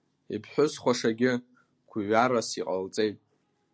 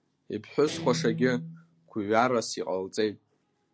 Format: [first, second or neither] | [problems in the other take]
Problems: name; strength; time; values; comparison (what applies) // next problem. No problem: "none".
first | background sound (Guitar); 10 dB below the speech